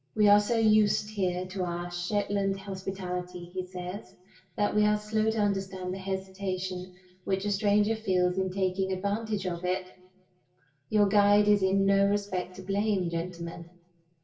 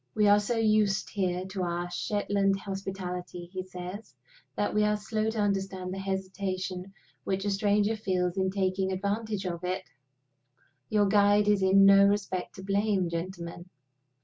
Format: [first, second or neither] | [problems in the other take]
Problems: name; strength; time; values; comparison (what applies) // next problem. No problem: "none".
second | room echo; dies away in 0.8 s